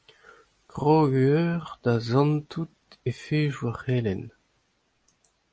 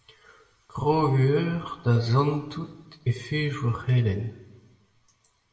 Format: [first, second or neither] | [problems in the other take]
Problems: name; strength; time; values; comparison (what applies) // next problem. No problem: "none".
first | room echo; dies away in 0.8 s